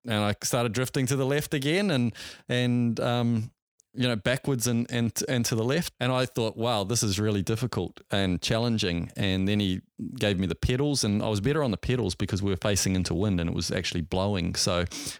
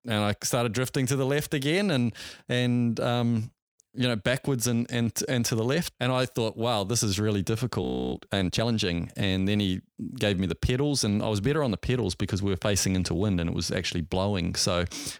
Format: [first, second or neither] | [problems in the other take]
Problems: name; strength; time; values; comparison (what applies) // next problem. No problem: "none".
first | audio freezing; at 8 s